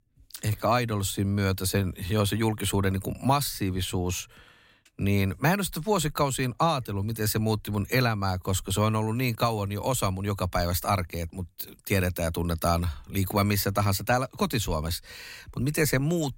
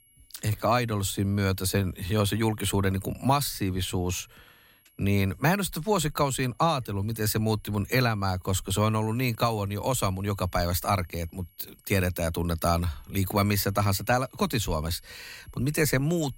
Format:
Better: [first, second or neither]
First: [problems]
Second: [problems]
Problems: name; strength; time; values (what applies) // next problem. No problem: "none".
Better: first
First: none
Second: high-pitched whine; faint; throughout; 11.5 kHz, 35 dB below the speech